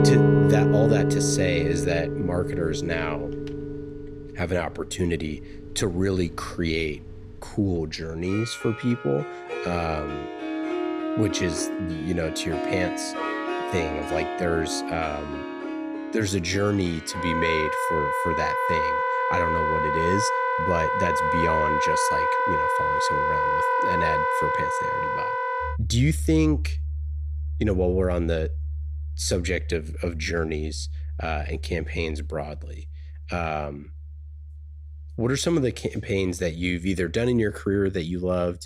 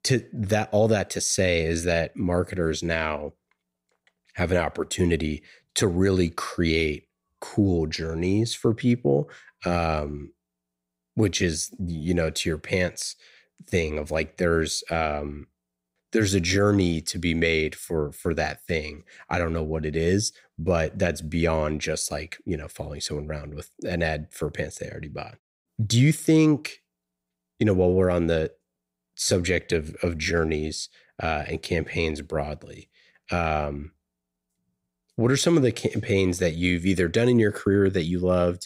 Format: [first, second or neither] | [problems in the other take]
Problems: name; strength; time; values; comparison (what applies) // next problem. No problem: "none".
second | background music; very loud; throughout; 1 dB above the speech